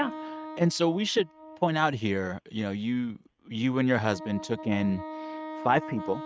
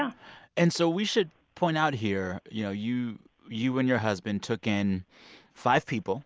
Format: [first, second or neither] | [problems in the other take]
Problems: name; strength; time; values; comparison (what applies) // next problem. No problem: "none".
second | noise reduction (neural mask model RNNoise)